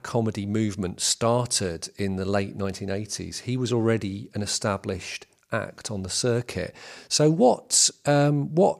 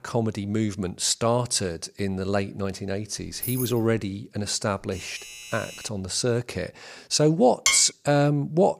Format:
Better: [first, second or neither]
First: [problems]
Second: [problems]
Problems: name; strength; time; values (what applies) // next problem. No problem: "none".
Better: first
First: none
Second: jangling keys; noticeable; at 3 s; peak 6 dB below the speech // doorbell; faint; from 5 to 6 s; peak 15 dB below the speech // clattering dishes; loud; at 7.5 s; peak 2 dB above the speech